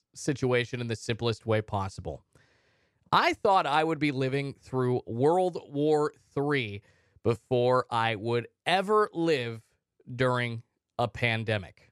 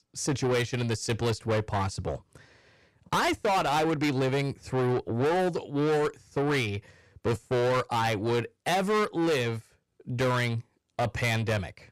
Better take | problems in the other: first | distortion; heavy; 7 dB below the speech

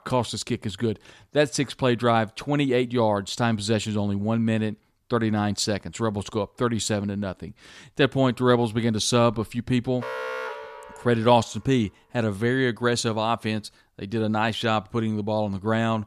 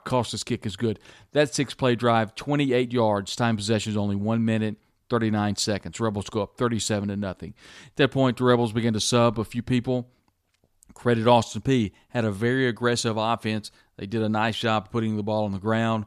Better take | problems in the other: second | alarm; noticeable; from 10 to 11 s; peak 6 dB below the speech

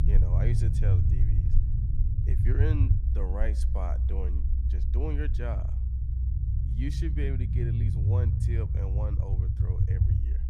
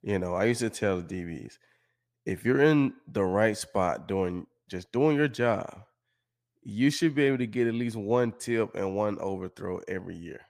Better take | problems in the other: second | low rumble; loud; throughout; 1 dB below the speech

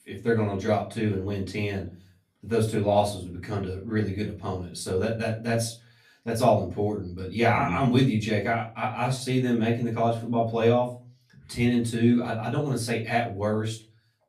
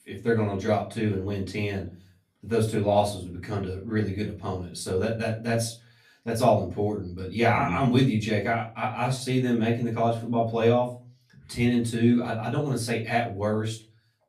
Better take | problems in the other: neither | off-mic speech; far; the same in both // room echo; slight; dies away in 0.3 s; the same in both

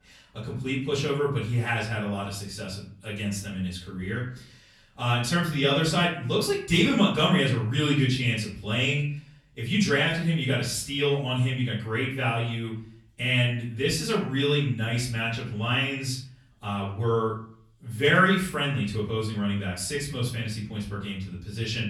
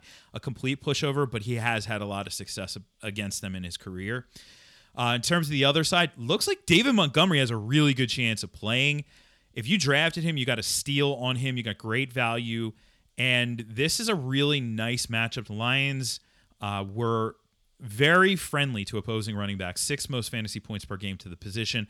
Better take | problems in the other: second | off-mic speech; far // room echo; noticeable; dies away in 0.5 s

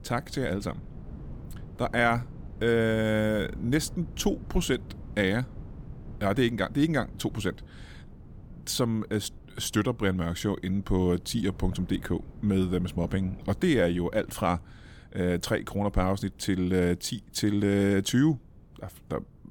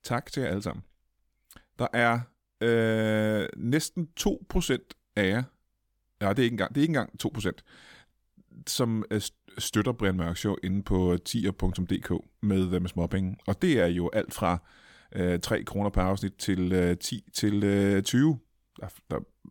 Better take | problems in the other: second | wind noise on the microphone; occasional gusts; 25 dB below the speech

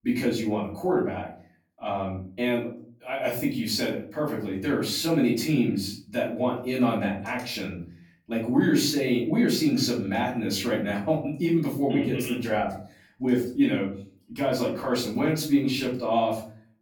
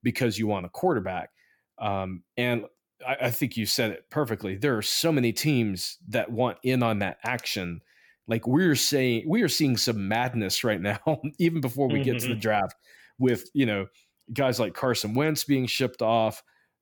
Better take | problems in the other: second | off-mic speech; far // room echo; slight; dies away in 0.4 s

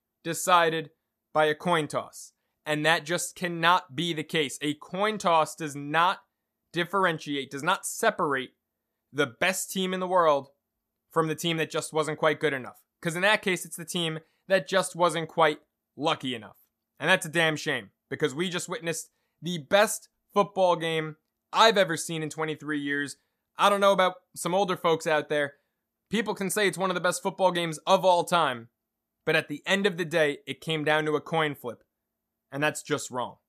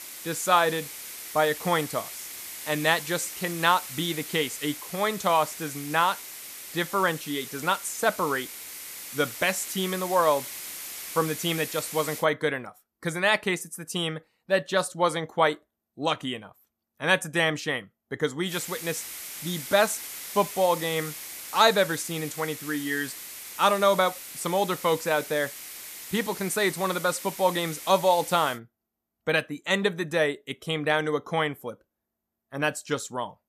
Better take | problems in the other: first | hiss; noticeable; until 12 s and from 19 to 29 s; 10 dB below the speech

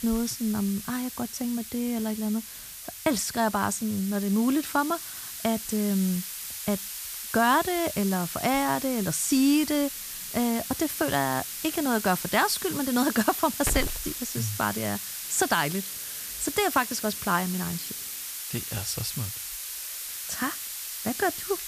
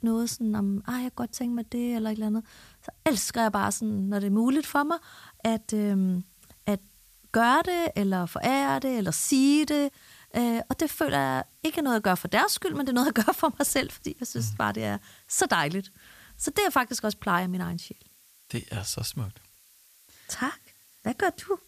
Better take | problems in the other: second | hiss; loud; throughout; 6 dB below the speech; faint in the second

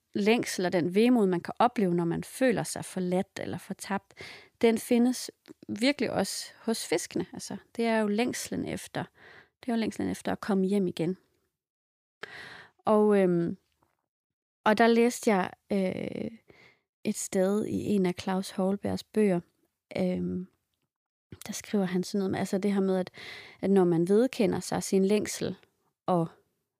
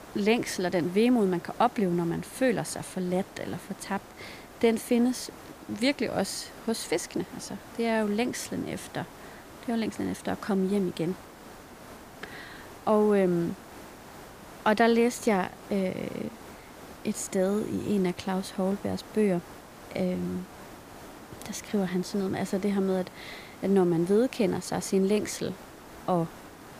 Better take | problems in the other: first | hiss; noticeable; throughout; 20 dB below the speech

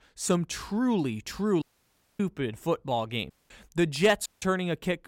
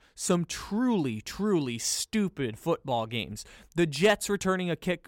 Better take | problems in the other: second | audio cutting out; at 1.5 s for 0.5 s, at 3.5 s and at 4.5 s

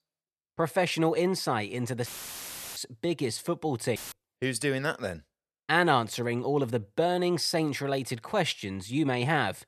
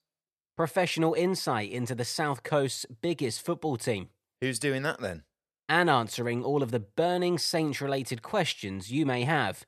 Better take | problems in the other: second | audio cutting out; filled with static; at 2 s for 0.5 s and at 4 s

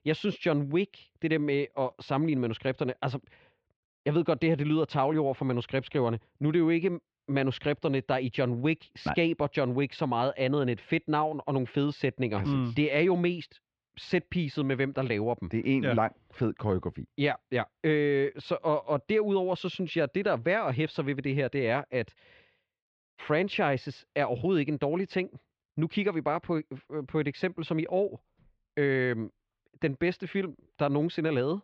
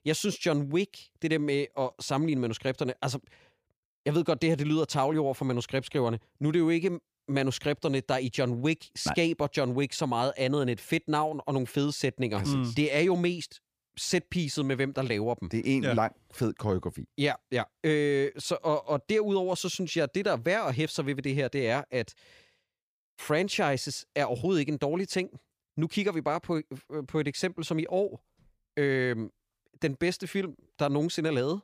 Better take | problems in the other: second | muffled; slightly; fading above 3.5 kHz

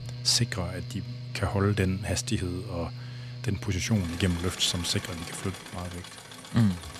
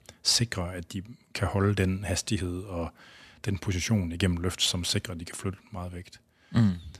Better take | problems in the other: second | machinery noise; noticeable; throughout; 10 dB below the speech

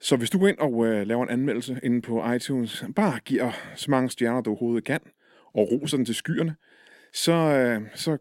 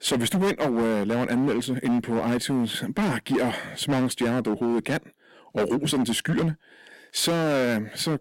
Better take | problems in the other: first | distortion; heavy; 16% of the sound clipped

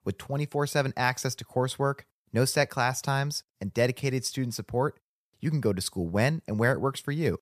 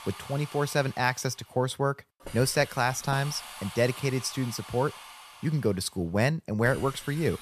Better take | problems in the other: first | hiss; noticeable; throughout; 15 dB below the speech

